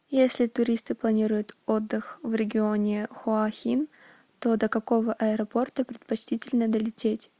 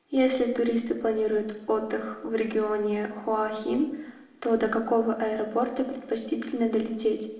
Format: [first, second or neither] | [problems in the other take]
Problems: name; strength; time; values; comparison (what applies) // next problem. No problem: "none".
first | room echo; dies away in 1 s